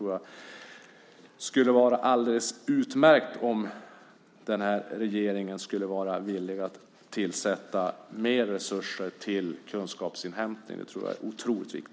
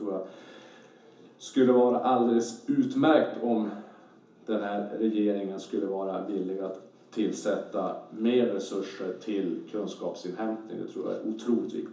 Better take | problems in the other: first | room echo; dies away in 0.7 s

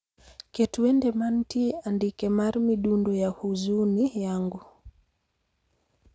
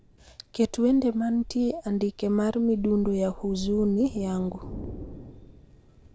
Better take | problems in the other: first | background sound (Thunder); 15 dB below the speech

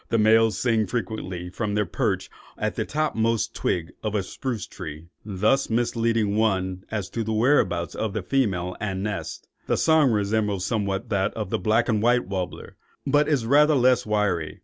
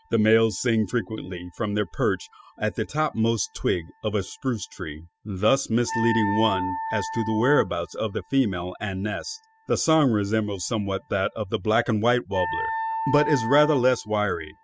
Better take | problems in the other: first | noise reduction (classical method spectral subtraction)

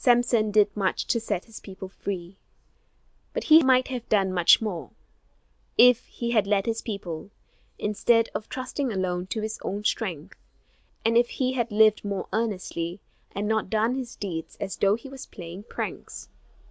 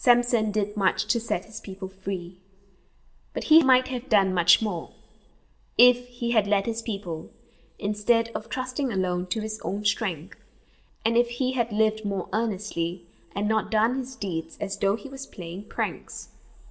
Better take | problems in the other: first | room echo; dies away in 0.5 s

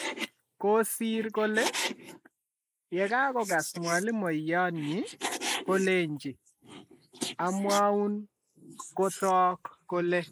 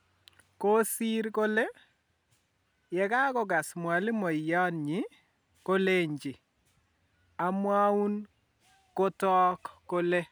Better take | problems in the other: second | noise reduction (neural mask model Resemble Enhance denoiser)

